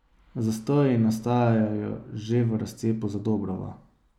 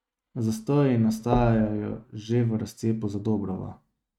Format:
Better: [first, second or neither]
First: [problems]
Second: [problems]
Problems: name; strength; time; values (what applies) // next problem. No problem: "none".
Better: first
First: none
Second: noise reduction (neural mask model RNNoise)